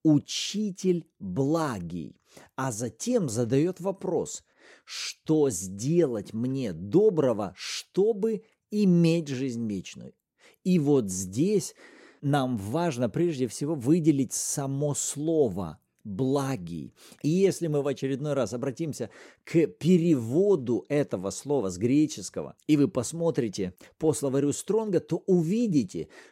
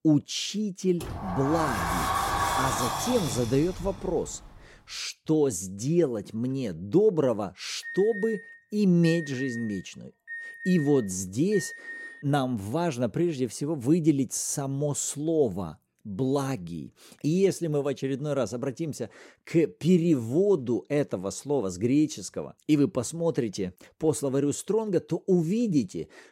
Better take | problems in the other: first | door banging; loud; from 1 to 4.5 s; peak 1 dB above the speech // alarm; noticeable; from 8 to 12 s; peak 9 dB below the speech

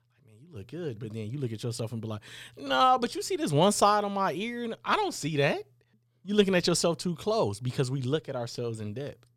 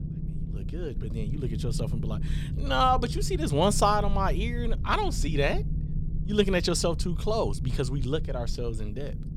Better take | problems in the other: first | low rumble; noticeable; throughout; 20 dB below the speech

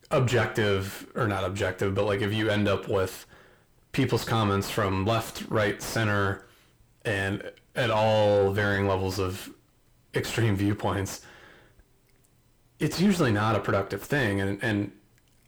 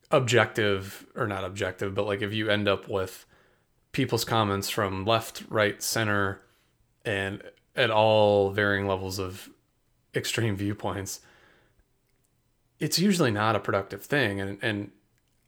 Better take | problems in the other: second | distortion; heavy; 6 dB below the speech

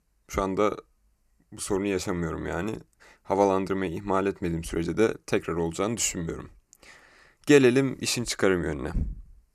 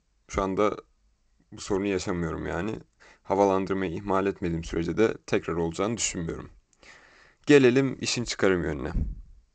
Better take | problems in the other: first | garbled, watery; slightly; nothing above 7.5 kHz

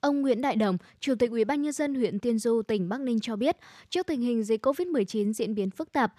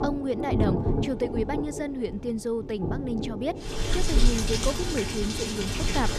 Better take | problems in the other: first | rain or running water; very loud; throughout; 2 dB above the speech

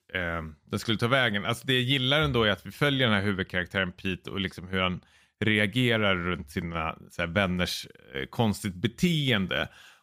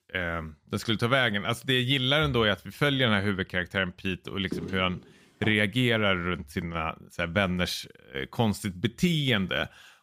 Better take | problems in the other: first | footsteps; noticeable; from 4.5 to 5.5 s; peak 10 dB below the speech

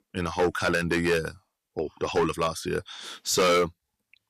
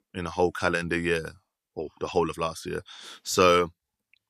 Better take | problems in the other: second | distortion; heavy; 6% of the sound clipped

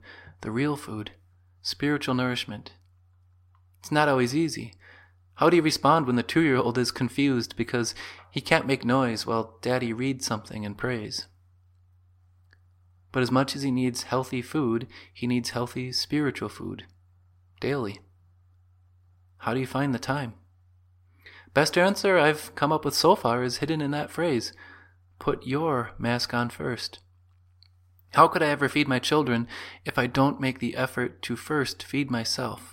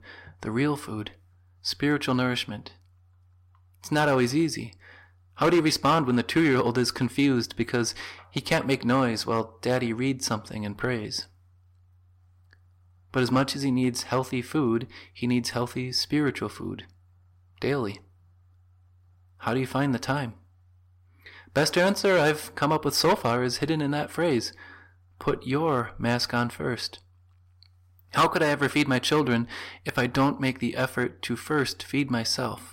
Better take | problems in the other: first | distortion; slight; 2% of the sound clipped

